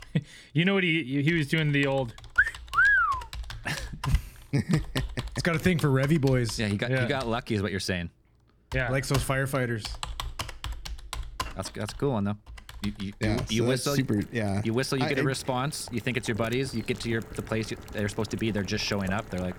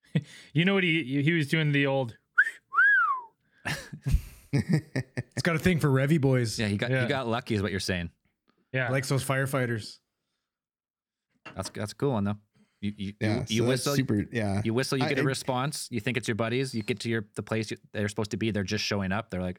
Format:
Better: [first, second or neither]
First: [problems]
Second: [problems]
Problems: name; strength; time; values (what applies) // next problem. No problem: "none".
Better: second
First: household noises; noticeable; throughout; 15 dB below the speech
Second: none